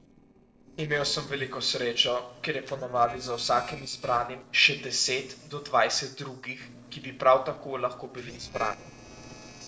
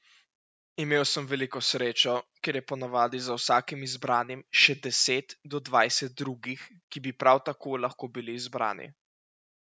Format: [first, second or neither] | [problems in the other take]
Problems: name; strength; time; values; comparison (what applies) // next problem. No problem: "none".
second | noise reduction (neural separator model SepFormer DNS4)